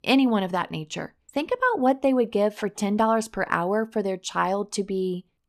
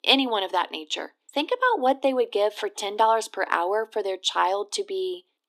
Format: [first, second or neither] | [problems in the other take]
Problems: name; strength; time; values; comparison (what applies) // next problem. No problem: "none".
first | thin; somewhat; fading below 300 Hz